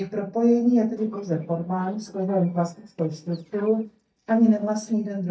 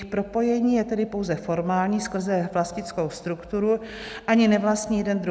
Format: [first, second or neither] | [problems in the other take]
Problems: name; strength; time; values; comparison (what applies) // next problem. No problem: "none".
second | noise reduction (neural mask model DeepFilterNet 3)